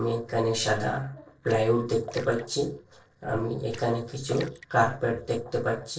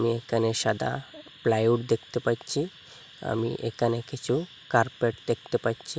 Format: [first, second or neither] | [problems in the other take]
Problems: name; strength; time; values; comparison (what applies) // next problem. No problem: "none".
second | noise reduction (neural separator model SepFormer DNS4)